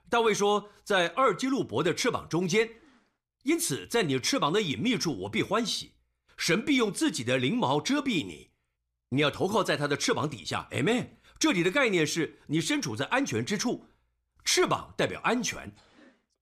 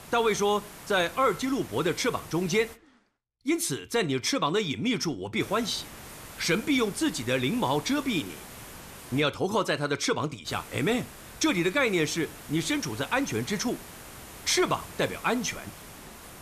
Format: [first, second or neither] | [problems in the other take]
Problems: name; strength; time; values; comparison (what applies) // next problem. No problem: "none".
first | hiss; noticeable; until 3 s, from 5.5 to 9 s and from 10 s on; 15 dB below the speech